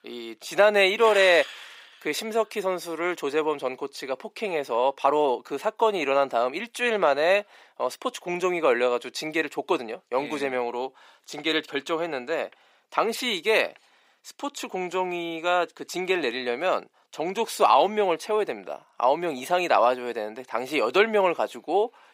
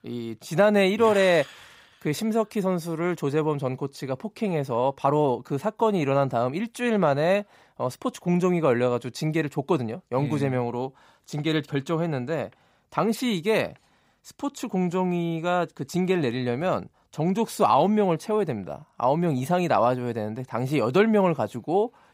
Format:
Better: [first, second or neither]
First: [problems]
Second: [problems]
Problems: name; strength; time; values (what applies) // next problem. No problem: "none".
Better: second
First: thin; somewhat; fading below 350 Hz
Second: none